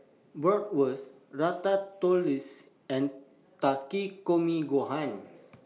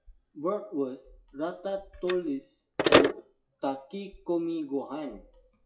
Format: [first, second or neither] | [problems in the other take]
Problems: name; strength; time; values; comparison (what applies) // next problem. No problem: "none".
first | noise reduction (classical method WPE with log-MMSE)